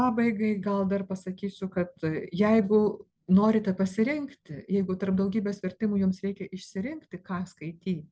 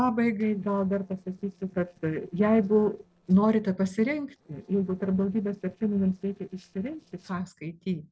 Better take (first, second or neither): first